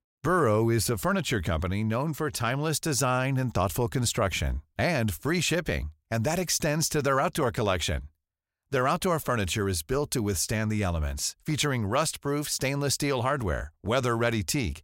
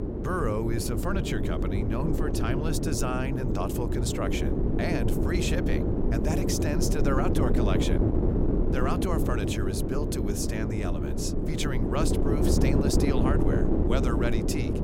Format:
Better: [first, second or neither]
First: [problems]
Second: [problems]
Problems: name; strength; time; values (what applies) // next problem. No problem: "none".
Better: first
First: none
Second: wind noise on the microphone; heavy; 1 dB above the speech